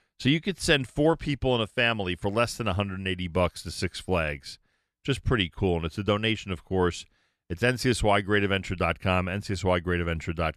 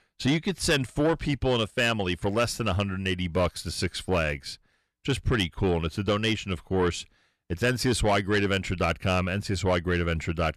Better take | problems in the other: first | distortion; slight; 10 dB below the speech

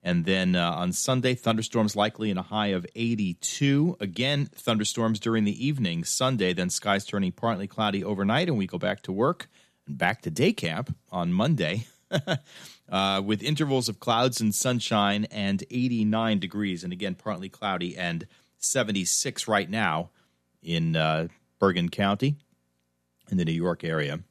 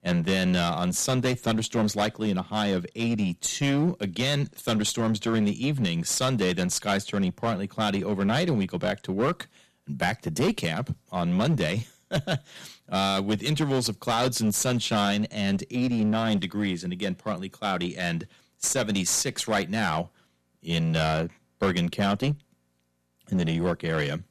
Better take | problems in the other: first | distortion; slight; 11% of the sound clipped

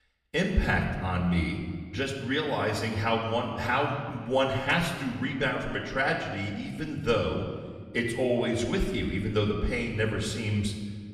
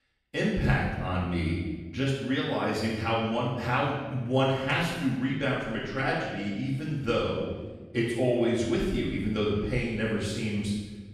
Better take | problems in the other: first | room echo; strong; dies away in 1.1 s; slight in the first // off-mic speech; far; far in the first

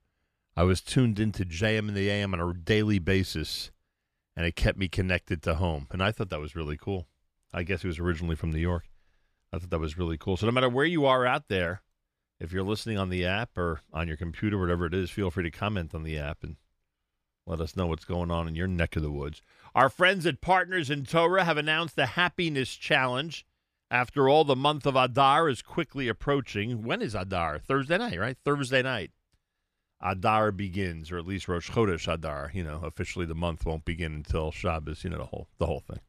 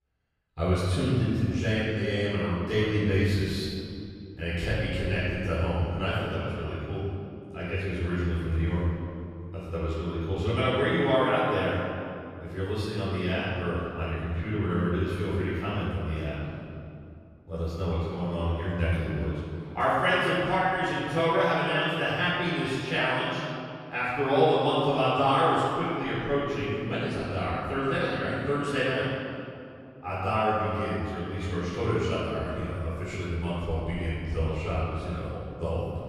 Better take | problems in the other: first | room echo; strong; dies away in 2.3 s // off-mic speech; far

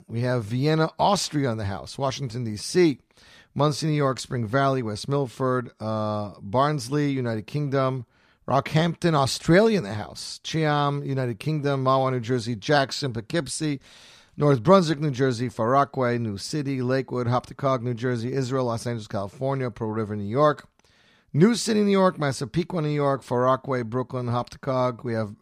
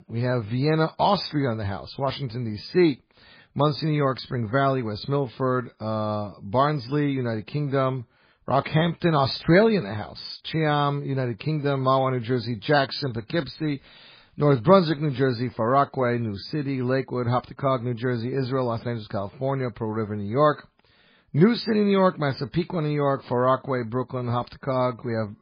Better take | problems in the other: first | garbled, watery; badly; nothing above 5 kHz

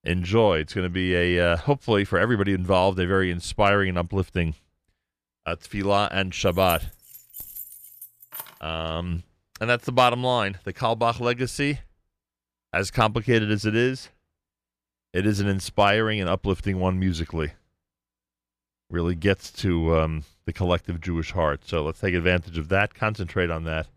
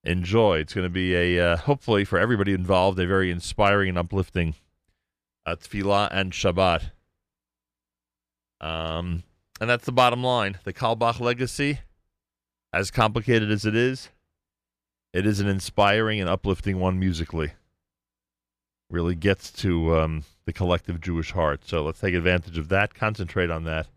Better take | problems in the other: second | jangling keys; faint; from 6.5 to 8.5 s; peak 10 dB below the speech

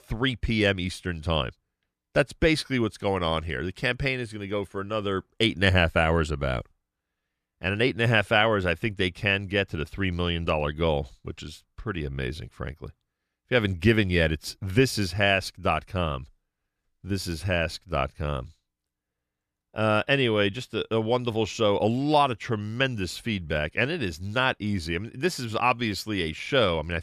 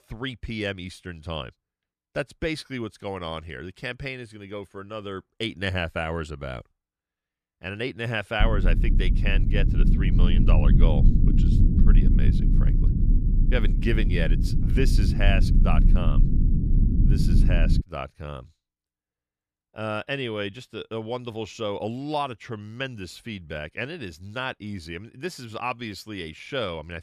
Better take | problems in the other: first | low rumble; loud; from 8.5 to 18 s; 5 dB below the speech

